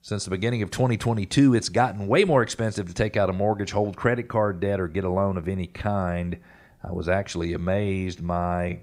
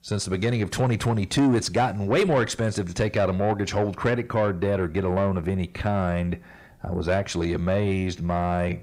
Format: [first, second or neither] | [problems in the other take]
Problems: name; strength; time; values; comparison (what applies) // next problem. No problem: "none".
first | distortion; slight; 10 dB below the speech